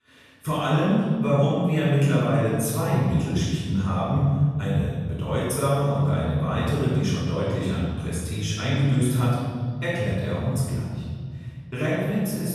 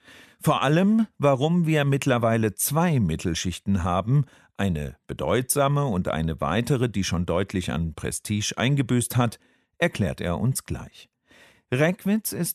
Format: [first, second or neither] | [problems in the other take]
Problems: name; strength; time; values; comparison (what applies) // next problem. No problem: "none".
second | off-mic speech; far // room echo; strong; dies away in 2.3 s